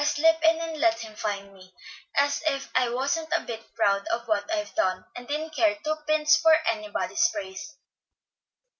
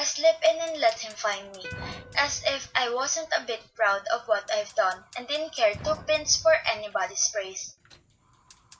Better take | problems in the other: first | background sound (Fire + Plucked string instrument); 20 dB below the speech

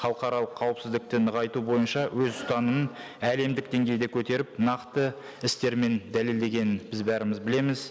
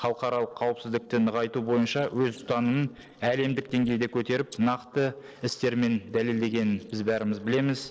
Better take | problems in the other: first | noise reduction (neural separator model SepFormer DNS4)

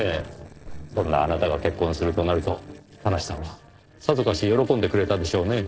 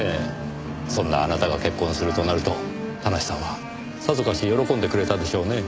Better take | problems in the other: second | noise reduction (neural separator model SepFormer DNS4)

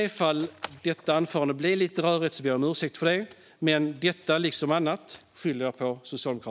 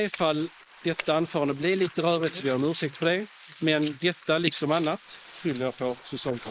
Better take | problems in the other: first | noise reduction (neural mask model Resemble Enhance denoiser)

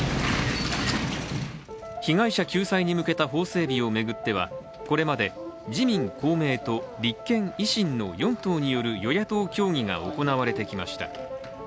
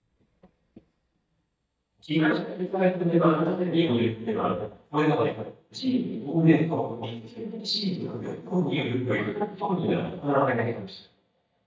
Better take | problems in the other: first | noise reduction (neural mask model DeepFilterNet 3)

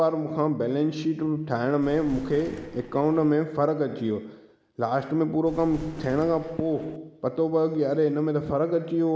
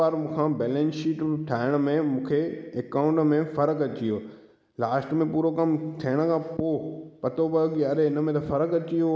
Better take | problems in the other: second | background sound (Thunder); 16 dB below the speech

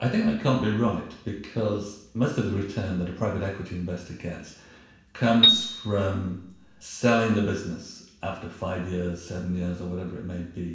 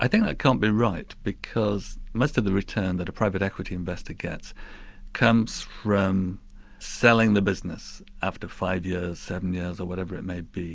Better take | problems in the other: second | background sound (Piano); 3 dB above the speech // room echo; dies away in 0.7 s

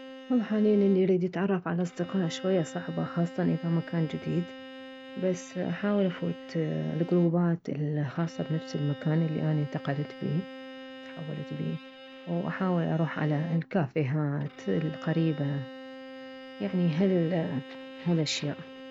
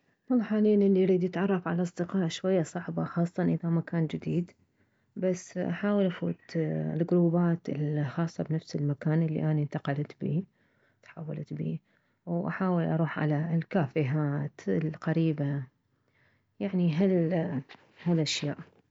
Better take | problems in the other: second | background sound (Bowed string instrument); 15 dB below the speech

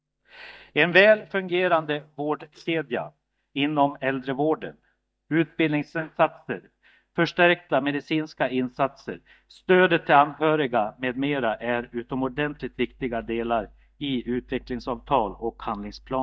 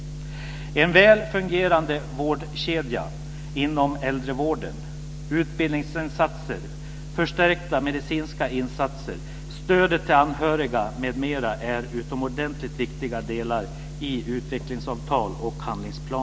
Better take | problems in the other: second | noise reduction (neural mask model DeepFilterNet 3)

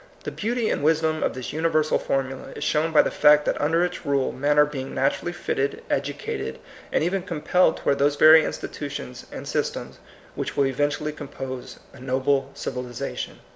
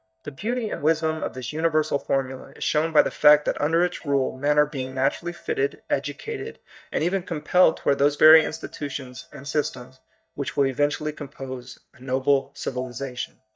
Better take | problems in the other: first | noise reduction (neural mask model DeepFilterNet 3)

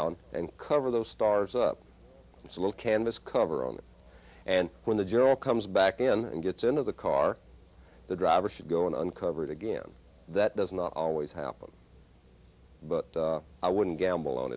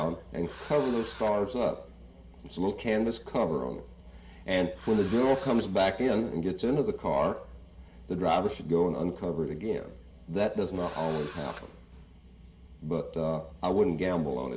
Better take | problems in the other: first | background sound (Engine / Drill); 18 dB below the speech // room echo; dies away in 0.7 s

